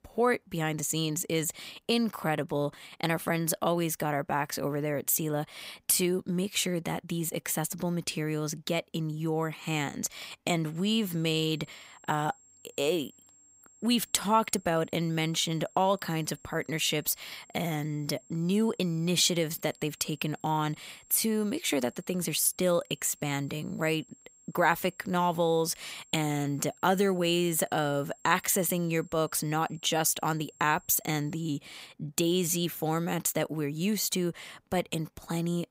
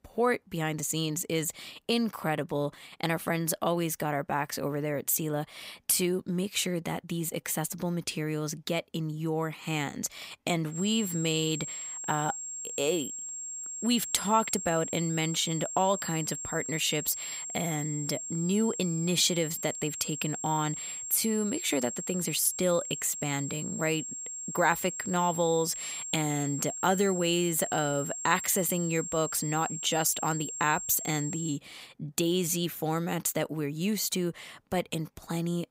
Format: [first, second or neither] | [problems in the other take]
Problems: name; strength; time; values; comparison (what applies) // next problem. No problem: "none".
first | high-pitched whine; loud; from 11 to 32 s; 7.5 kHz, 6 dB below the speech; faint in the first